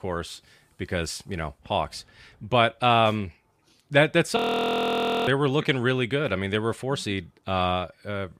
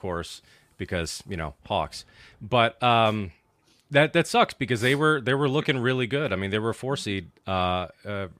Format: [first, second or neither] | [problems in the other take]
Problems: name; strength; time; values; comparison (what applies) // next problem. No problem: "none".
second | audio freezing; at 4.5 s for 1 s